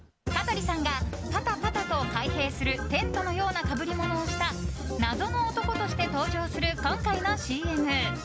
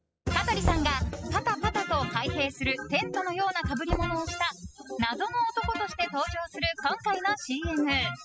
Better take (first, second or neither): first